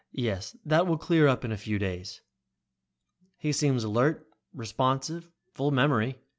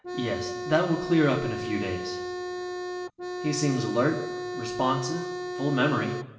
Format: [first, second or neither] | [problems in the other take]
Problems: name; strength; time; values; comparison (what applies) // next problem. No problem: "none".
first | background sound (Organ); 5 dB below the speech // room echo; dies away in 1 s